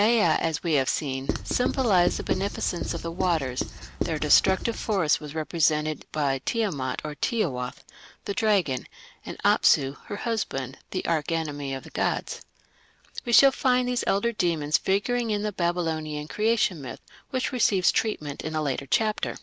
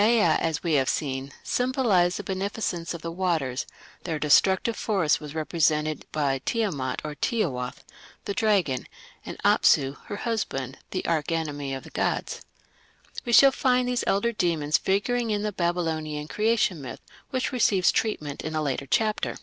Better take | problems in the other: second | background sound (Writing); 5 dB below the speech

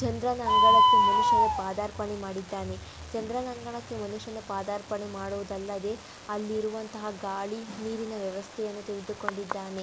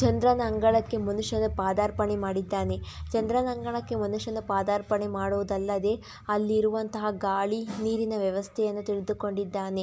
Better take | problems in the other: second | background sound (Bird); 4 dB above the speech

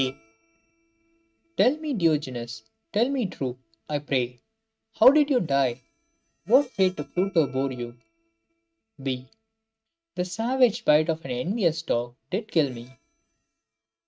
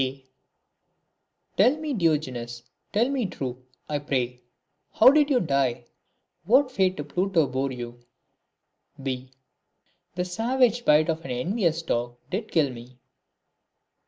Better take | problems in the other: second | noise reduction (neural mask model RNNoise)

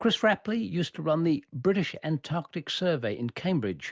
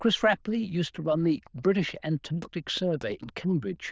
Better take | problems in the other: first | noise reduction (neural diffusion model UNIVERSE++)

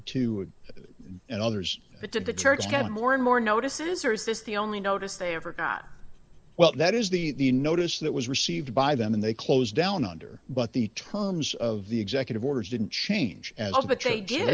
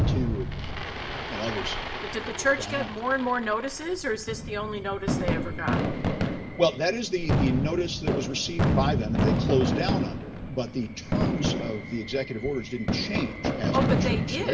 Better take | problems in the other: first | background sound (Fireworks); 1 dB above the speech // room echo; dies away in 0.5 s

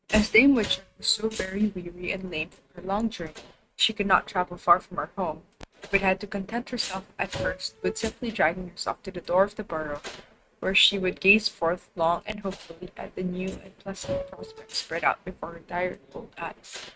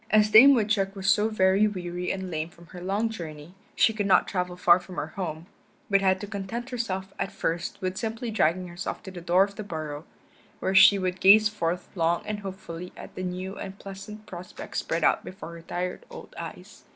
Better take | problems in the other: second | noise reduction (neural mask model RNNoise)

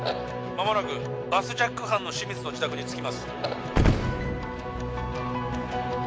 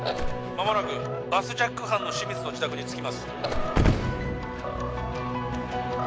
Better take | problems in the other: first | background sound (Whoosh, swoosh, swish + Animal); 8 dB below the speech

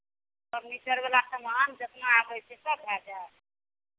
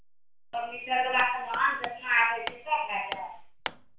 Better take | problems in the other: first | background sound (Hammer); 12 dB below the speech // room echo; dies away in 0.4 s

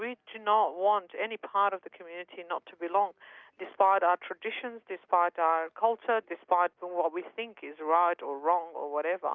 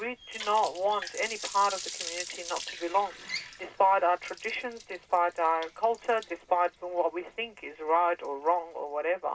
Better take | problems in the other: first | background sound (Water tap, faucet); 14 dB below the speech // room echo; dies away in 0.2 s

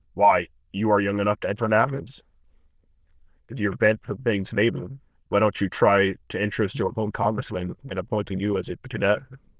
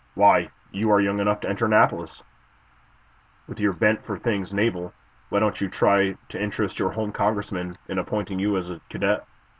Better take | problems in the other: second | noise reduction (neural diffusion model UNIVERSE++)

